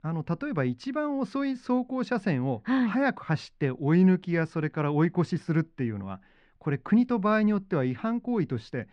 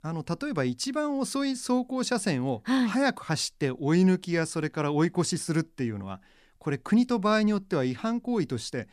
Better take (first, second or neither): second